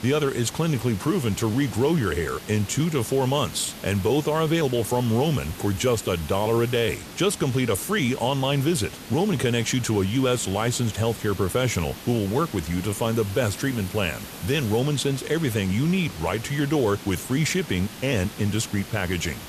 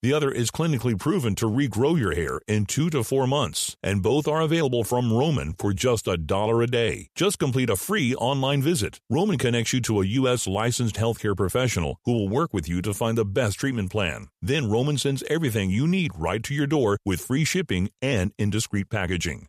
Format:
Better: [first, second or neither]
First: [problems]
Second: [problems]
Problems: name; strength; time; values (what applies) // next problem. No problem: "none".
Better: second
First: hiss; noticeable; throughout; 15 dB below the speech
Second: none